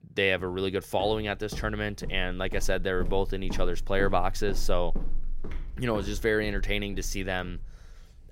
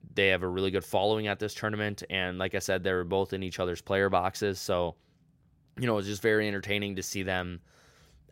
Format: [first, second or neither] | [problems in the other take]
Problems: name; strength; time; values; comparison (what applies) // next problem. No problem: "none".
second | footsteps; noticeable; from 1 to 7.5 s; peak 7 dB below the speech